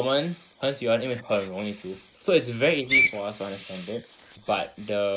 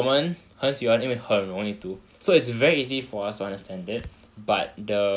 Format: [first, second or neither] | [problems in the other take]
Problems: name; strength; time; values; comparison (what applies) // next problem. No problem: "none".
second | noise reduction (neural mask model Resemble Enhance denoiser)